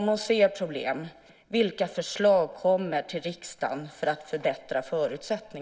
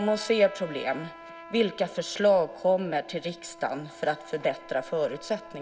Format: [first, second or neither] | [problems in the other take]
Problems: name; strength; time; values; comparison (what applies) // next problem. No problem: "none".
first | background sound (Trumpet); 19 dB below the speech